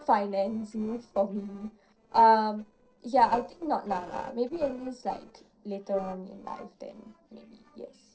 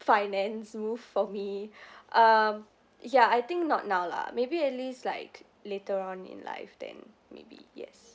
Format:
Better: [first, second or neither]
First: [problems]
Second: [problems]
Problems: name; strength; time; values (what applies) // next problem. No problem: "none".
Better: second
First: noise reduction (neural separator model SepFormer DNS4)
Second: none